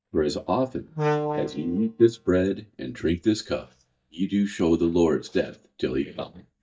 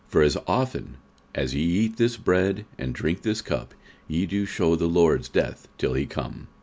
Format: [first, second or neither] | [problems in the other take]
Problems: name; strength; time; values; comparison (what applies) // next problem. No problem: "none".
second | noise reduction (neural mask model DeepFilterNet 3)